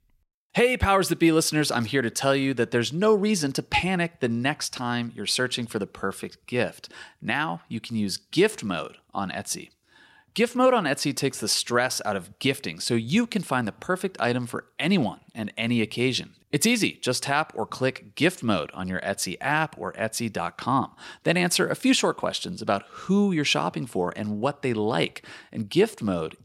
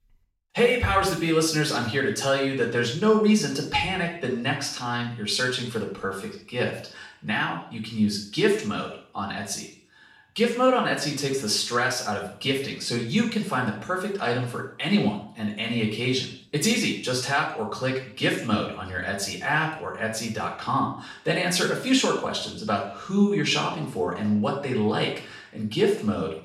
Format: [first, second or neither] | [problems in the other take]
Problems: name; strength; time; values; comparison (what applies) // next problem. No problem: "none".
first | room echo; noticeable; dies away in 0.5 s // off-mic speech; far